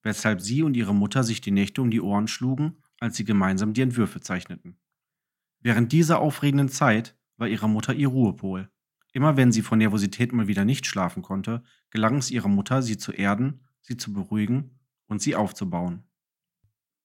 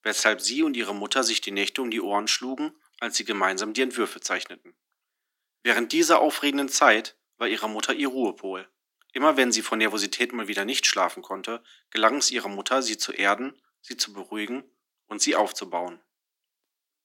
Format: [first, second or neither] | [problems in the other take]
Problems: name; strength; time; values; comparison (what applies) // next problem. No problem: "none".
first | thin; very; fading below 300 Hz